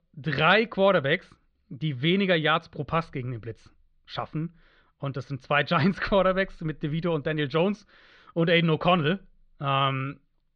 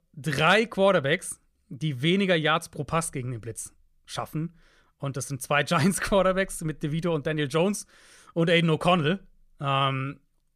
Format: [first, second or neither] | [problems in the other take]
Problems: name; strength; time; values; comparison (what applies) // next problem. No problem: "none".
second | muffled; very slightly; fading above 4 kHz